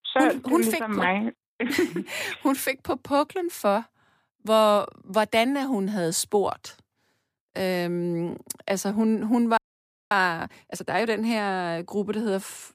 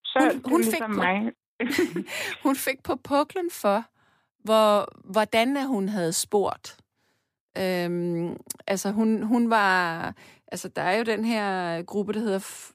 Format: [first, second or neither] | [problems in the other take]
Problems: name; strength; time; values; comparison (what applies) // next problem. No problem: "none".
second | audio freezing; at 9.5 s for 0.5 s